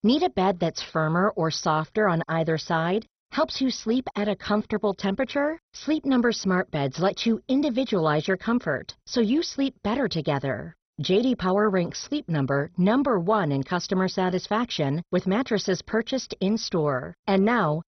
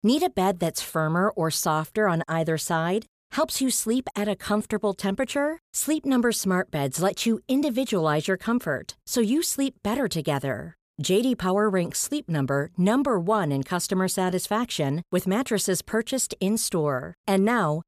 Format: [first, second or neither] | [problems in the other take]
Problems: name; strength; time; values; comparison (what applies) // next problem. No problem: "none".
second | garbled, watery; badly; nothing above 6 kHz